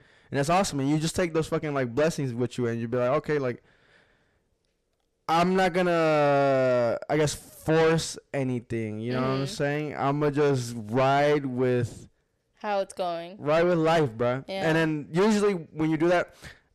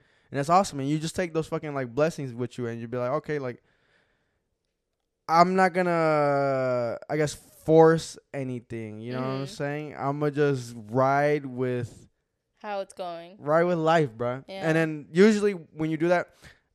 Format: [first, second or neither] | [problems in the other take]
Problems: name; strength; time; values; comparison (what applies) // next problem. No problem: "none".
second | distortion; heavy; 5 dB below the speech